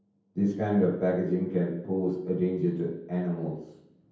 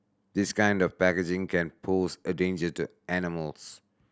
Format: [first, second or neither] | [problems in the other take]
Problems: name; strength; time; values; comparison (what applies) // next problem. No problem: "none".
second | room echo; dies away in 0.9 s